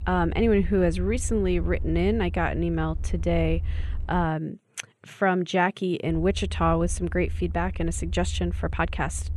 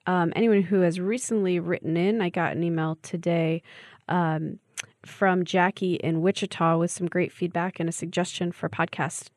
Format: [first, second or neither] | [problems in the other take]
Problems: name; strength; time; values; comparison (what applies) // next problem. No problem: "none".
second | low rumble; faint; until 4.5 s and from 6 s on; 25 dB below the speech